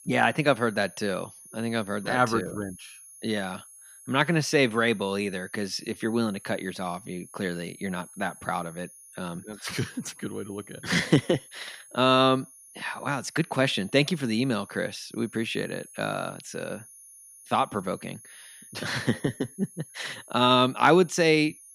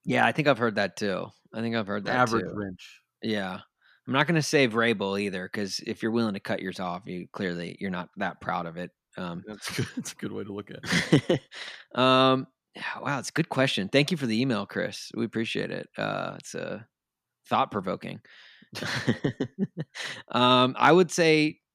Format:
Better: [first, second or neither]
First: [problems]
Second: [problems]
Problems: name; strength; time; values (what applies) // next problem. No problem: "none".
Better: second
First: high-pitched whine; faint; throughout; 10.5 kHz, 20 dB below the speech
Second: none